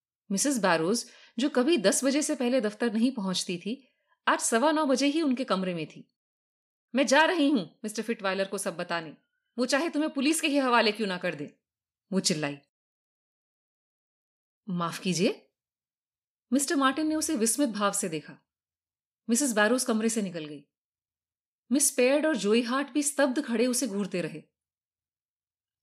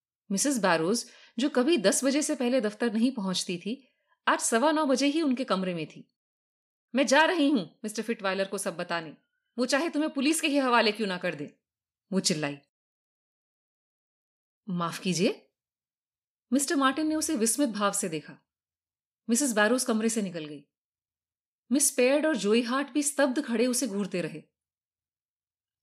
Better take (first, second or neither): neither